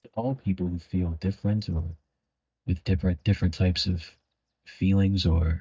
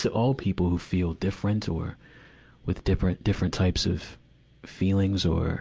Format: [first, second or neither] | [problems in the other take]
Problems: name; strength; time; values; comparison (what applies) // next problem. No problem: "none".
second | noise reduction (neural mask model DeepFilterNet 3)